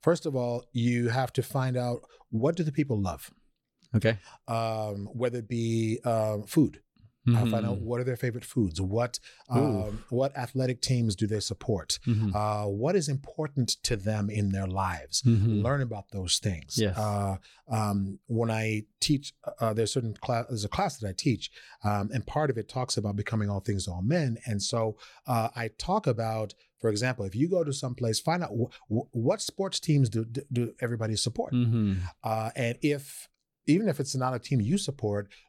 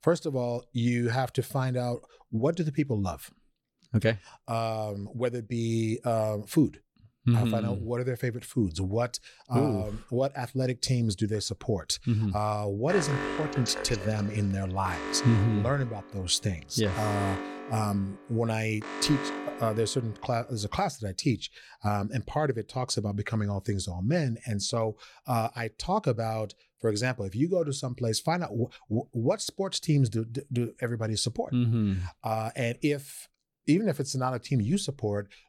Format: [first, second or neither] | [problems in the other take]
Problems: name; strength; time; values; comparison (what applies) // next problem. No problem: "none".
first | alarm; noticeable; from 13 to 20 s; peak 2 dB below the speech